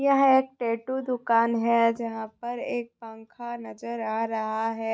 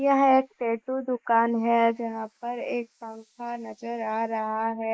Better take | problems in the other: first | noise reduction (neural mask model Resemble Enhance denoiser)

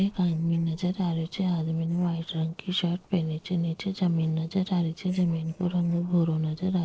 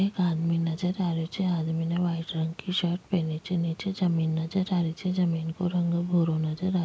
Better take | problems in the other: second | noise reduction (neural separator model SepFormer DNS4)

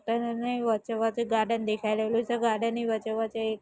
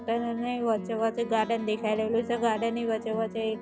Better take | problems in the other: first | background sound (Plucked string instrument); 12 dB below the speech

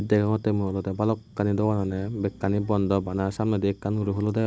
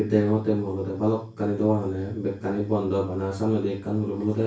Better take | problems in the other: first | room echo; dies away in 0.3 s

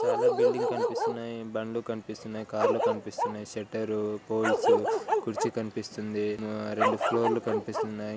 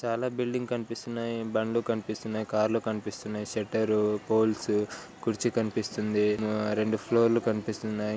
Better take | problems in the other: second | background sound (Bark); 3 dB above the speech

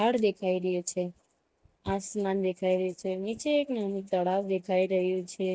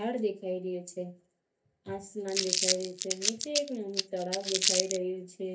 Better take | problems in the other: first | background sound (Crumpling, crinkling); 3 dB above the speech // room echo; dies away in 0.3 s

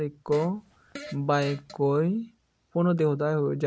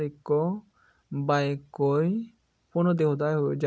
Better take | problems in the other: second | background sound (Fart); 18 dB below the speech

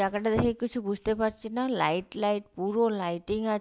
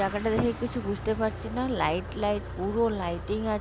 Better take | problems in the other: first | background sound (Motor vehicle (road)); 9 dB below the speech

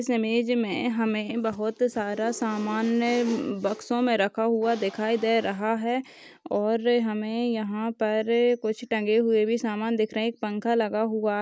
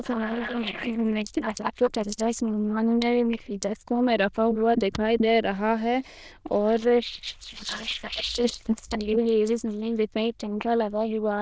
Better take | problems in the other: first | noise reduction (neural diffusion model UNIVERSE++)

